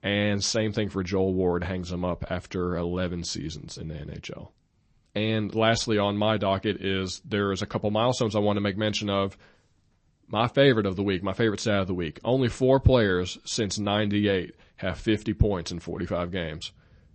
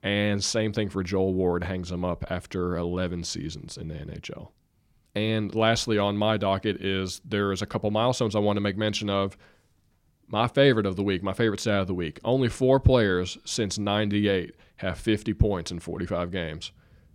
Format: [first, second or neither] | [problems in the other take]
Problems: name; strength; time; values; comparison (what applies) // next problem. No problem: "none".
second | garbled, watery; slightly; nothing above 8 kHz